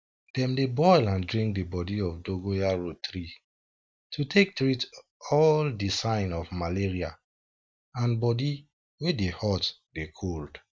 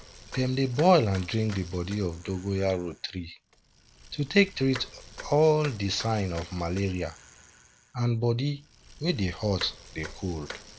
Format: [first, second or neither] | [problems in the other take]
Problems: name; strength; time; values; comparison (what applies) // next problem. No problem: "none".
first | background sound (Bicycle); 18 dB below the speech